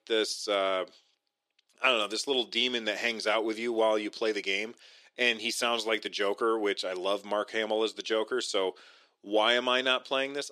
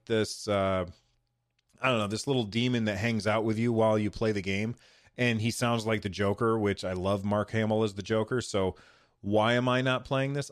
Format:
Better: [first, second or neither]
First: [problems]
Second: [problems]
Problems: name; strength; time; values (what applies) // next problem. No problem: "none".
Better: second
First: thin; somewhat; fading below 350 Hz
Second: none